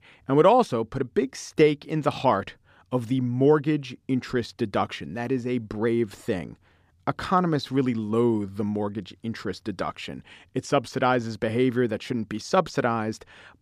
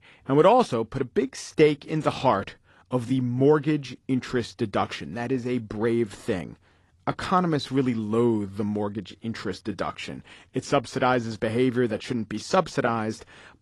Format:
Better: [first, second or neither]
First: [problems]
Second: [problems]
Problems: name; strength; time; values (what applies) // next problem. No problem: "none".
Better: first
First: none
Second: garbled, watery; slightly; nothing above 11 kHz